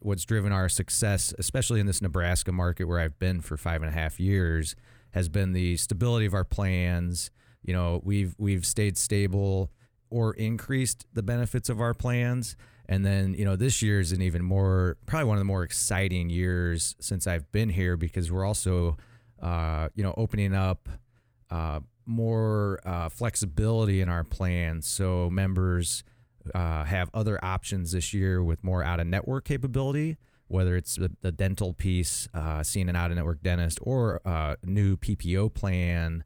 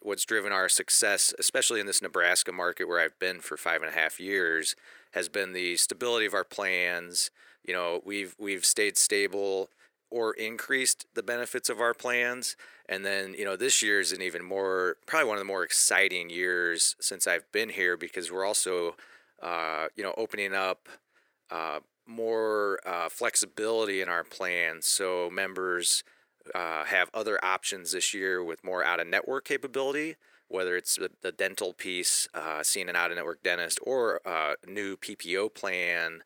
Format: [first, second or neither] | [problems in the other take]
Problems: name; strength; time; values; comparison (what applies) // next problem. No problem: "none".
first | thin; very; fading below 350 Hz